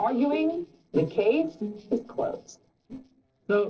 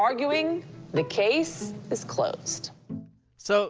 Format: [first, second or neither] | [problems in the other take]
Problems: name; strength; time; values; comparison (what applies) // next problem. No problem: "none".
second | noise reduction (neural separator model SepFormer DNS4)